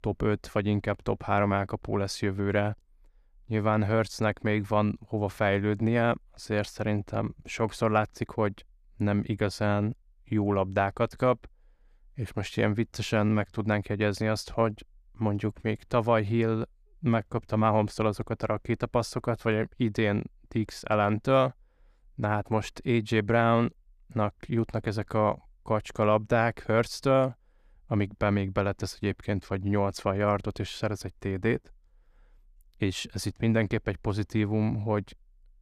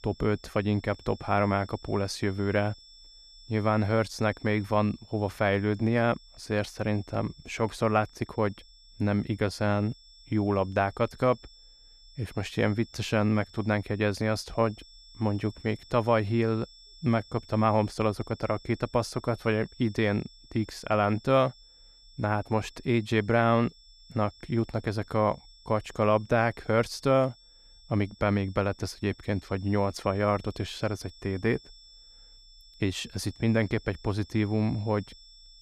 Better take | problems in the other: first | high-pitched whine; faint; throughout; 5.5 kHz, 25 dB below the speech

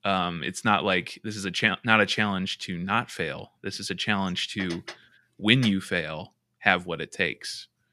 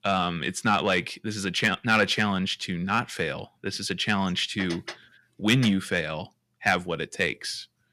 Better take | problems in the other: first | distortion; slight; 10 dB below the speech

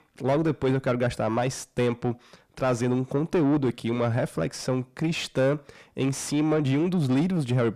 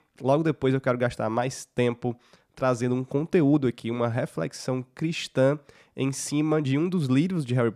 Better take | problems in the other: second | distortion; slight; 10 dB below the speech

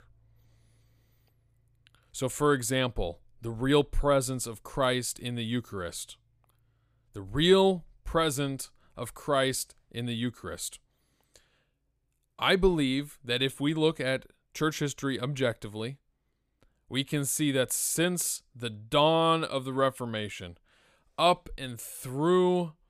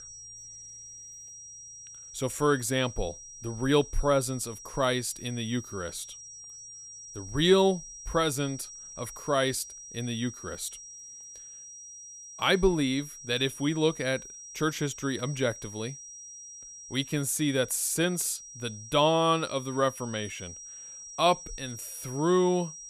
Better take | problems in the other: first | high-pitched whine; noticeable; throughout; 5.5 kHz, 15 dB below the speech

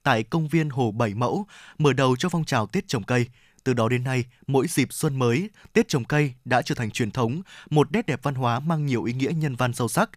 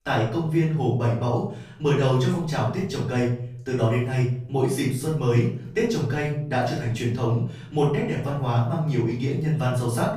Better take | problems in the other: first | off-mic speech; far // room echo; noticeable; dies away in 0.6 s

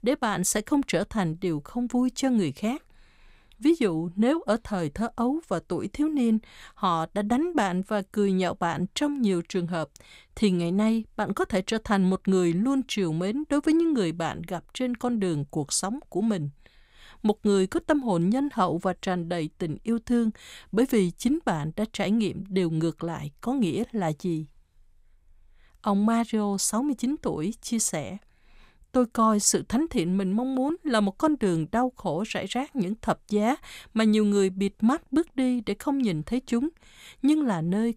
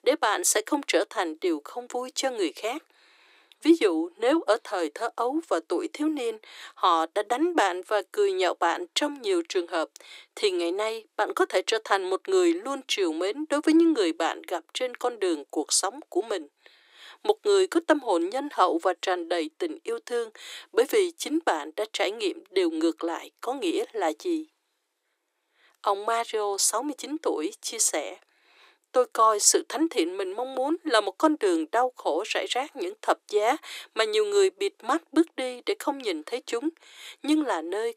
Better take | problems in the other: first | thin; very; fading below 300 Hz

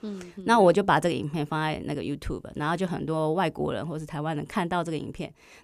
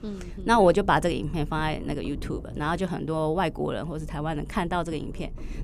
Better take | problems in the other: first | low rumble; faint; throughout; 25 dB below the speech

